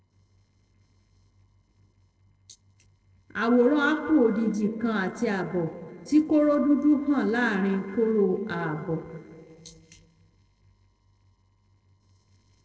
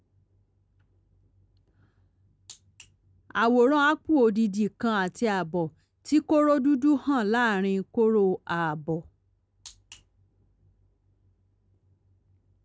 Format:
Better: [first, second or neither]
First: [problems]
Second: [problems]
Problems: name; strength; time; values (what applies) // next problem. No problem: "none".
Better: second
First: noise reduction (neural separator model SepFormer DNS4)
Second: none